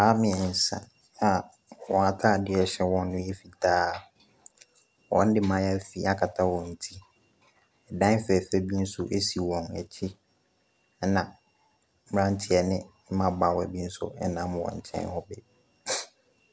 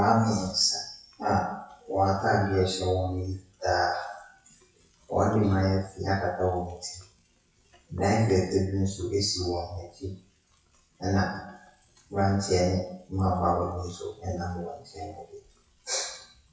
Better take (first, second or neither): first